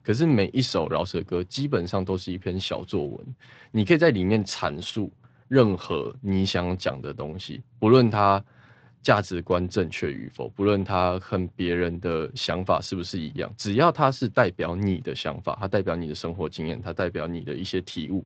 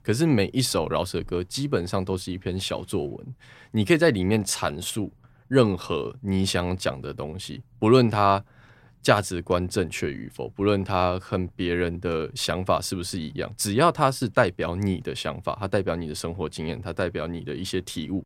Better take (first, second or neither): second